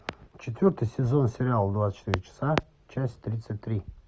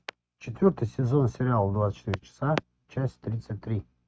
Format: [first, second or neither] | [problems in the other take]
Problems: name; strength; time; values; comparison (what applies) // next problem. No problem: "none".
first | noise reduction (neural mask model RNNoise)